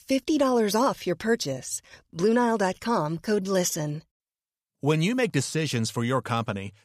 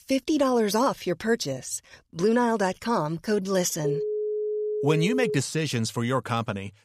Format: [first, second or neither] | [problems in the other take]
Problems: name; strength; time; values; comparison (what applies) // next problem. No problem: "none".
first | phone ringing; noticeable; from 4 to 5.5 s; peak 3 dB below the speech